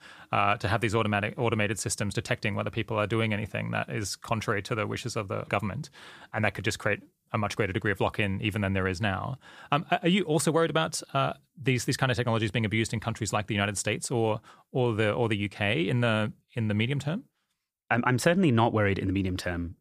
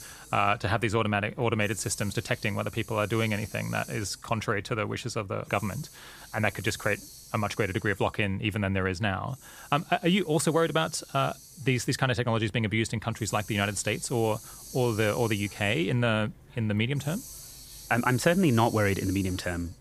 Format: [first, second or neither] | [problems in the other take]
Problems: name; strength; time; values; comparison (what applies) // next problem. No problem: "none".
first | hiss; noticeable; throughout; 15 dB below the speech